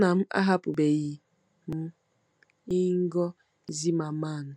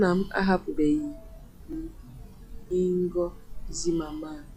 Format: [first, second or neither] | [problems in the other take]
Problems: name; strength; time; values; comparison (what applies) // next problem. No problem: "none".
first | noise reduction (classical method log-MMSE)